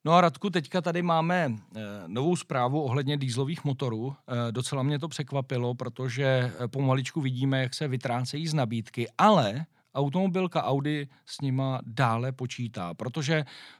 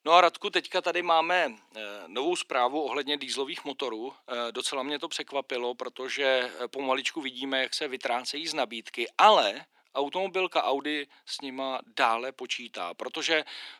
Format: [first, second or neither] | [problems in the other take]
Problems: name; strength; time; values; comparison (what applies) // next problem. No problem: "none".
first | thin; very; fading below 300 Hz